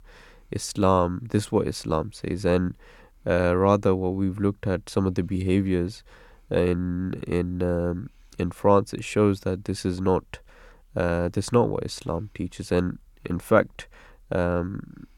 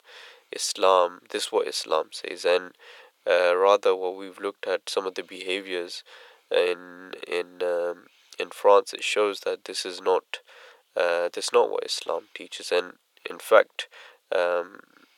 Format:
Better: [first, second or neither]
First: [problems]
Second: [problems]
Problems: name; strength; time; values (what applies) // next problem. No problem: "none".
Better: first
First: none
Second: thin; very; fading below 500 Hz